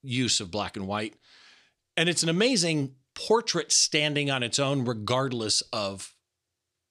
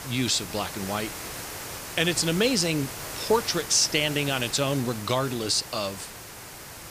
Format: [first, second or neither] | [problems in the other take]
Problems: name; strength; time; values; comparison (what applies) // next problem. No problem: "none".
first | hiss; noticeable; throughout; 10 dB below the speech